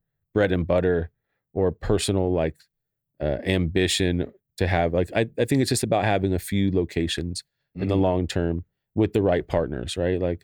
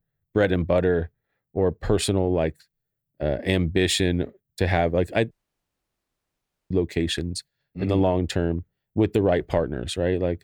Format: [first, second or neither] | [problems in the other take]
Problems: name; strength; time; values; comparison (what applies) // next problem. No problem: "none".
first | audio cutting out; at 5.5 s for 1.5 s